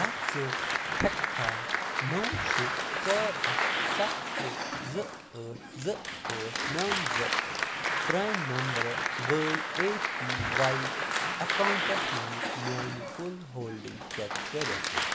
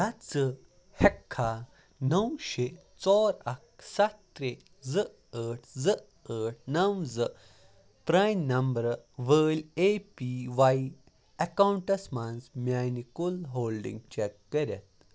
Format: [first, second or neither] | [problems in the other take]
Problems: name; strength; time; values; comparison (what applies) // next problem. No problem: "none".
second | background sound (Applause); 4 dB above the speech